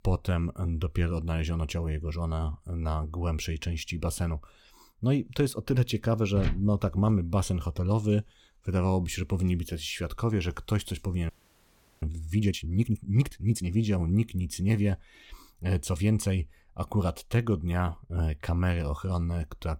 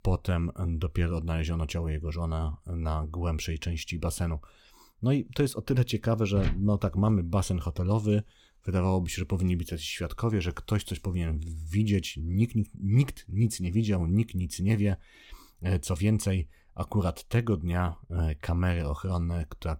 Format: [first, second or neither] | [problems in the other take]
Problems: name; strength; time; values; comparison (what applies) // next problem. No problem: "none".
second | audio freezing; at 11 s for 0.5 s